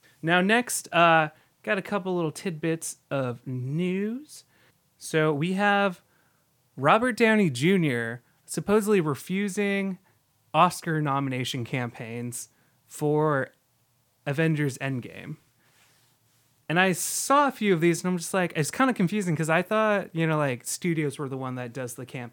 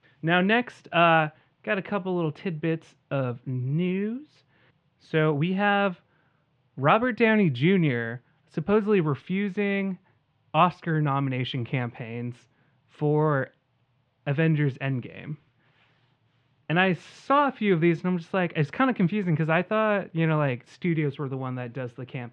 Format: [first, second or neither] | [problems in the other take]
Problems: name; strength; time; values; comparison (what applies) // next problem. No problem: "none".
first | muffled; very; fading above 3 kHz